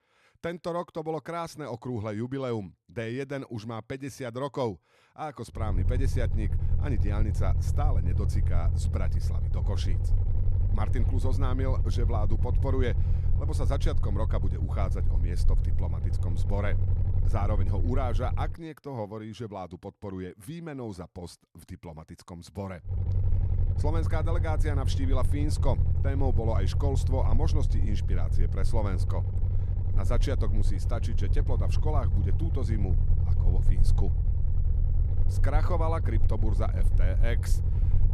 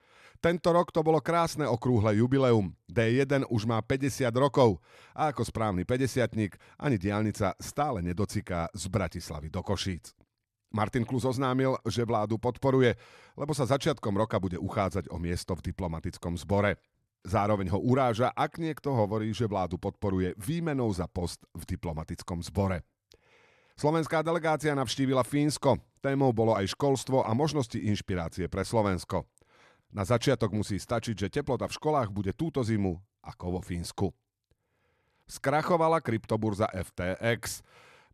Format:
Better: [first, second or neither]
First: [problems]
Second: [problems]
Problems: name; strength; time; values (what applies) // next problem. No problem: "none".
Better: second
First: low rumble; loud; from 5.5 to 19 s and from 23 s on; 7 dB below the speech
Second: none